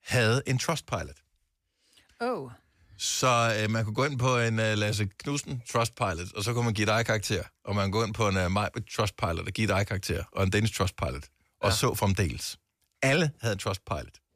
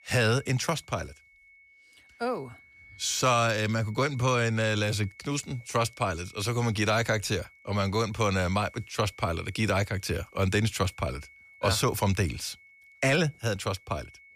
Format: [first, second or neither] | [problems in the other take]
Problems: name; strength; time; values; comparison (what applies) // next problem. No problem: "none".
first | high-pitched whine; faint; throughout; 2 kHz, 25 dB below the speech